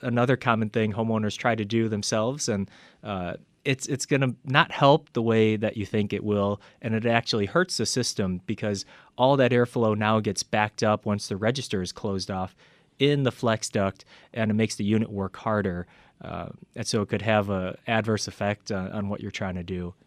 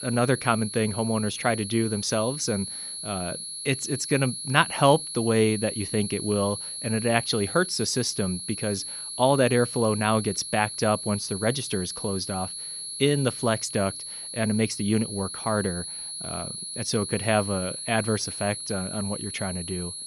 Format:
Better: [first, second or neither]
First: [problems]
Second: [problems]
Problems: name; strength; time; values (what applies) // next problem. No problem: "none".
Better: first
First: none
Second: high-pitched whine; loud; throughout; 11 kHz, 7 dB below the speech